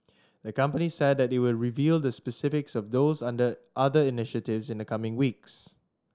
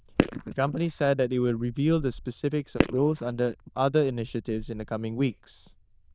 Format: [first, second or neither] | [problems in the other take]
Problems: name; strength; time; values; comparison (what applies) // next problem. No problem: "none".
first | noise reduction (neural diffusion model UNIVERSE++)